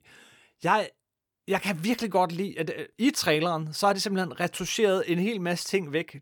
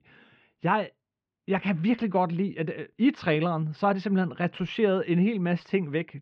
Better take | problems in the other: first | muffled; very; fading above 3 kHz

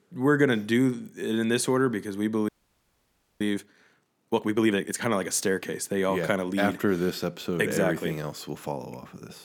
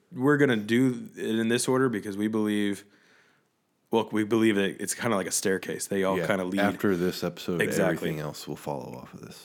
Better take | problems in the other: second | audio freezing; at 2.5 s for 1 s

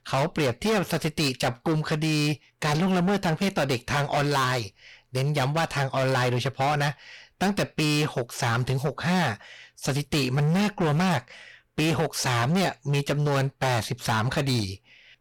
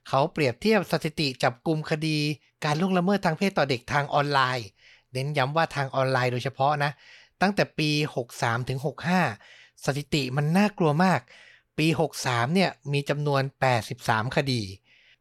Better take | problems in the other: second | distortion; heavy; 20% of the sound clipped

